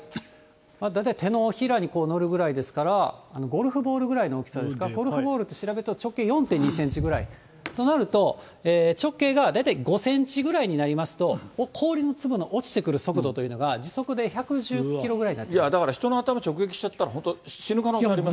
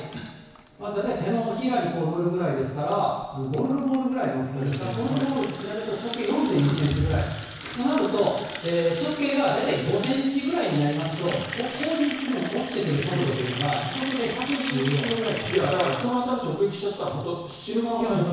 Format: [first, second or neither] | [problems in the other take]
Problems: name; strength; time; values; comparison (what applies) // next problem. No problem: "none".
first | background sound (Water tap, faucet); 13 dB below the speech // room echo; dies away in 1.1 s